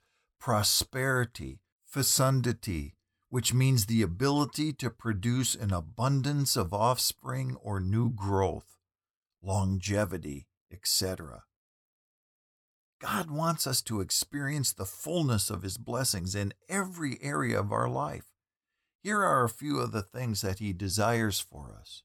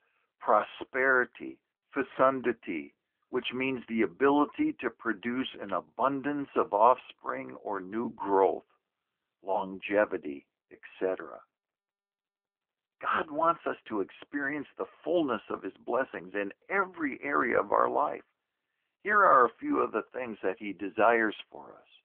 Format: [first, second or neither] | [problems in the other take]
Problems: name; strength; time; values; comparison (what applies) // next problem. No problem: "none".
first | phone-call audio; nothing above 3.5 kHz